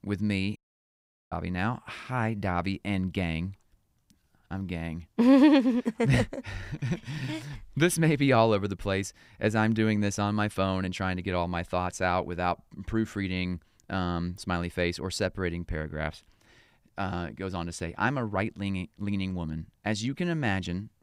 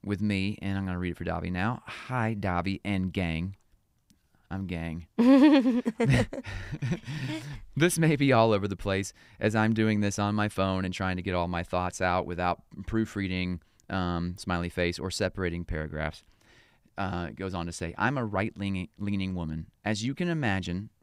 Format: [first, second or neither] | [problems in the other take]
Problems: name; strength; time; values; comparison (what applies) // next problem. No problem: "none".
second | audio cutting out; at 0.5 s for 1 s